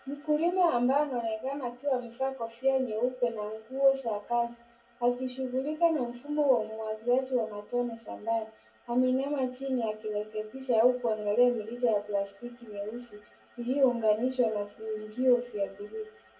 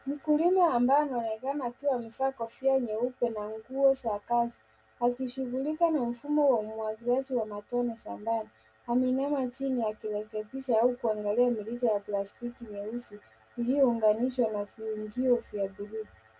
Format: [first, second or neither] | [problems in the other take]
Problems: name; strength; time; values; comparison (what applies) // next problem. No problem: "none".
second | room echo; dies away in 0.2 s